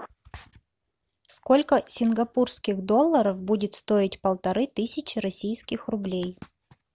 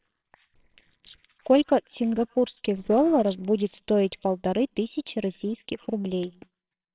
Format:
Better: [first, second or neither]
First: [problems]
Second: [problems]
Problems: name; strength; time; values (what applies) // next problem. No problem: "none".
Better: first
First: none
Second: noise reduction (neural separator model SepFormer WHAMR!)